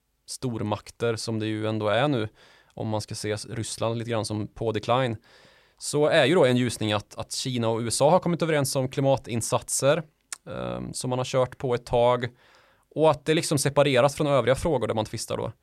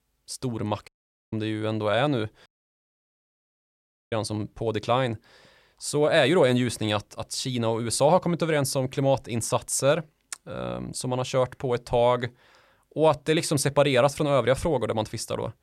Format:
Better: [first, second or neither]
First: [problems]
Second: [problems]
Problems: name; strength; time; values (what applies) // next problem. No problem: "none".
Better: first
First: none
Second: audio cutting out; at 1 s and at 2.5 s for 1.5 s